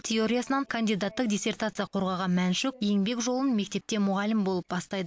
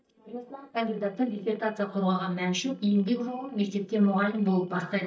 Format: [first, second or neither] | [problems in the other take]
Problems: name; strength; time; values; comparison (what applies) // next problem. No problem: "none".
first | noise reduction (neural mask model DeepFilterNet 3)